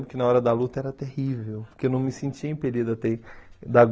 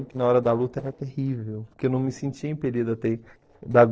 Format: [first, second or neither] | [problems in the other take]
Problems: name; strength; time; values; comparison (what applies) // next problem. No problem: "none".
first | noise reduction (neural separator model SepFormer DNS4)